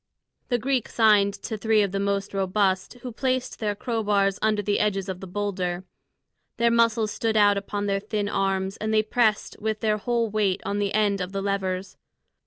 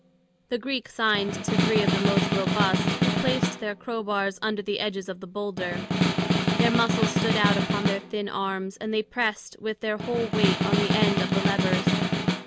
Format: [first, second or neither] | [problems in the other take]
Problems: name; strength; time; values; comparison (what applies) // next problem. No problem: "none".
first | background sound (Snare drum); 2 dB above the speech